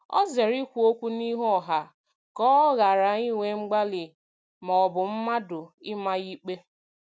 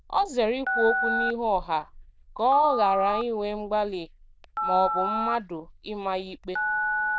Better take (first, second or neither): first